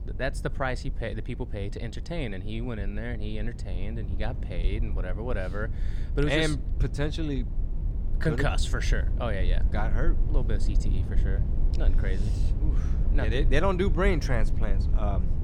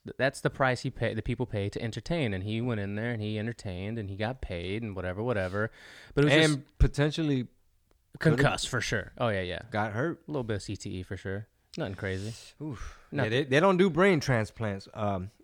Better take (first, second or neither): second